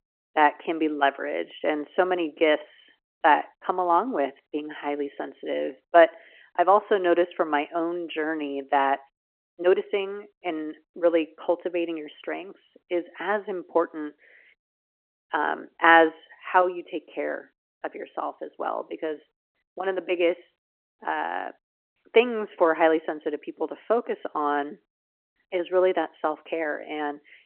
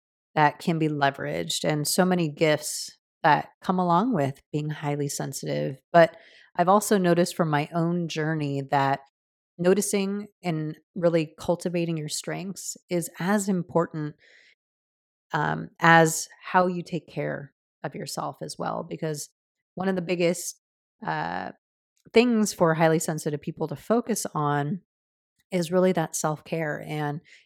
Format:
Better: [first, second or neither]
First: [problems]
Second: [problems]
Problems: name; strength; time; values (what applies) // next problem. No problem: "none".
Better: second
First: phone-call audio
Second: none